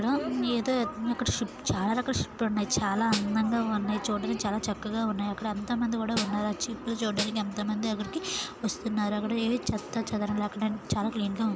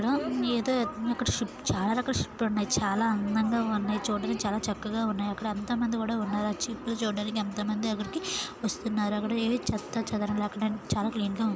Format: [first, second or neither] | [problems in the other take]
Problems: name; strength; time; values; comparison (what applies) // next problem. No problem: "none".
second | background sound (Snare drum); 9 dB below the speech